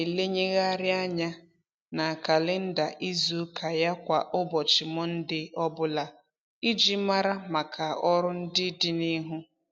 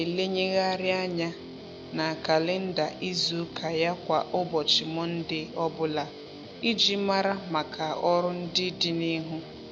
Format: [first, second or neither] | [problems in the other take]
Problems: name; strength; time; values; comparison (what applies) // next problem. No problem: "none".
first | background sound (Guitar); 14 dB below the speech